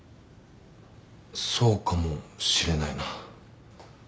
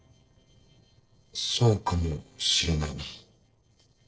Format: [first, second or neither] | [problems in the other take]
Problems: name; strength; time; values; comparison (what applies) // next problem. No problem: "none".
first | noise reduction (neural separator model SepFormer DNS4)